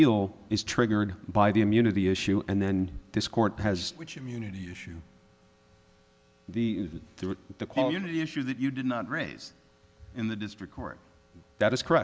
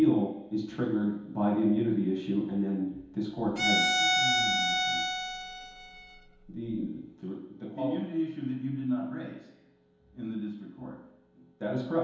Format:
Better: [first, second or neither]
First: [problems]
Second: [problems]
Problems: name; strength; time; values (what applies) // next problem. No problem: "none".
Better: first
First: none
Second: background sound (Bowed string instrument); 2 dB above the speech // room echo; dies away in 2.2 s